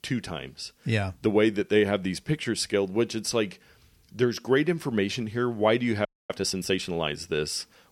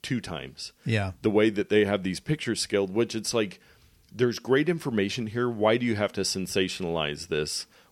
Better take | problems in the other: second | audio freezing; at 6 s

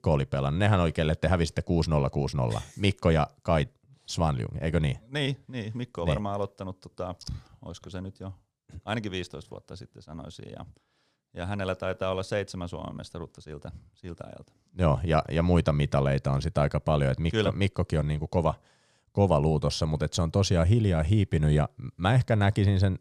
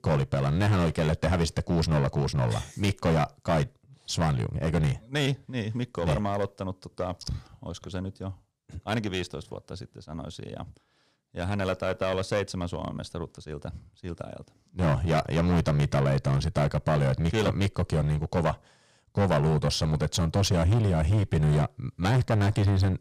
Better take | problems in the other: first | distortion; heavy; 10% of the sound clipped

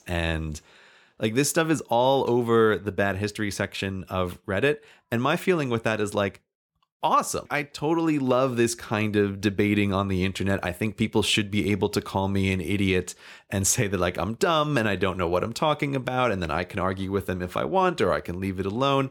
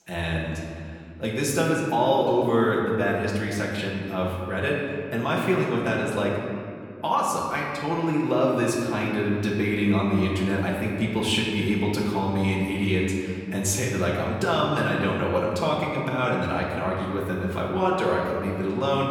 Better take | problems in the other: first | off-mic speech; far // room echo; noticeable; dies away in 2.2 s

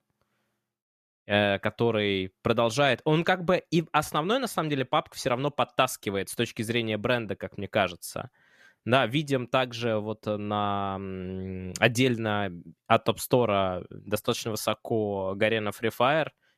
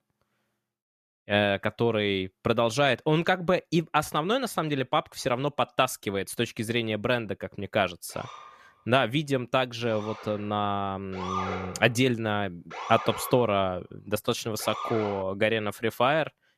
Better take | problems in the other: first | siren; noticeable; from 8 to 15 s; peak 5 dB below the speech

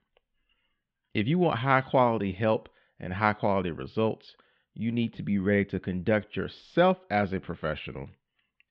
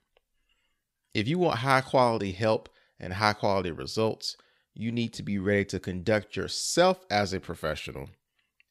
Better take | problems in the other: second | muffled; very; fading above 3 kHz

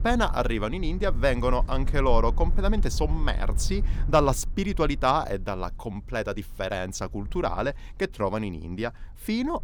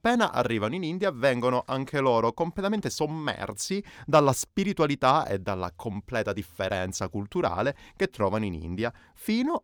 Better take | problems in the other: second | low rumble; faint; throughout; 20 dB below the speech

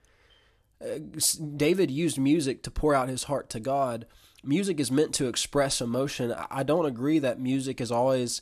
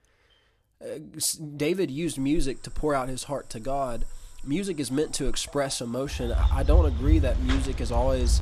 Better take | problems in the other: first | animal sounds; very loud; from 2 s on; 3 dB above the speech

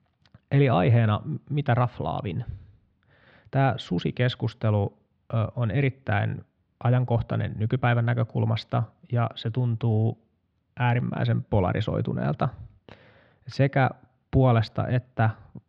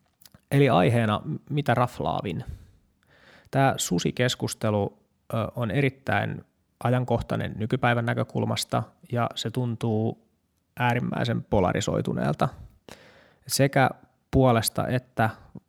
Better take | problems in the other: second | muffled; slightly; fading above 4 kHz

